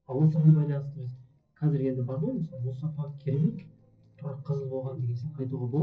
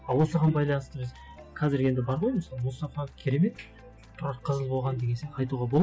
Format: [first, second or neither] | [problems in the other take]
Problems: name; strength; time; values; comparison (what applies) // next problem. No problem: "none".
second | noise reduction (neural separator model SepFormer DNS4)